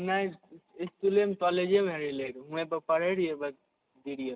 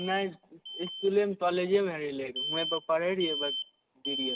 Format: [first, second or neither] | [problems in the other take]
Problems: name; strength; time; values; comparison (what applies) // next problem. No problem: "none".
first | background sound (Alarm); 7 dB below the speech